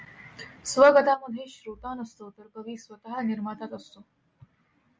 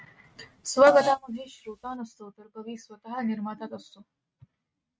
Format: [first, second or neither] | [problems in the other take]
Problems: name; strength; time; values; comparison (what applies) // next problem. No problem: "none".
first | noise reduction (neural mask model RNNoise)